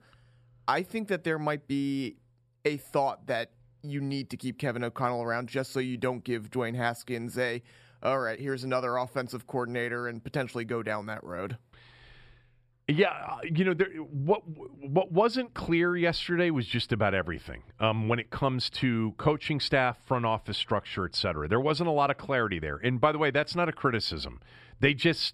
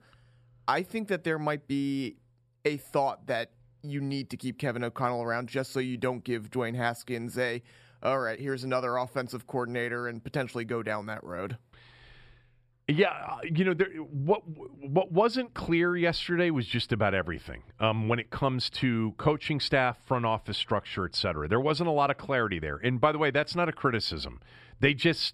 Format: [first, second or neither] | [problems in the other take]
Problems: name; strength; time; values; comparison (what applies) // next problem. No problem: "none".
neither | none